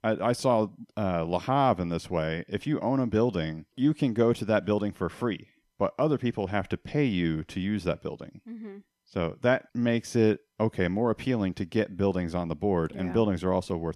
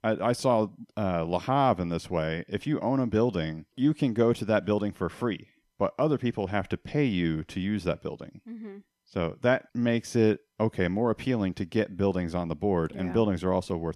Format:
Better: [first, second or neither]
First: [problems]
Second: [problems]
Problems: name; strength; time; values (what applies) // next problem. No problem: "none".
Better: neither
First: none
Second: none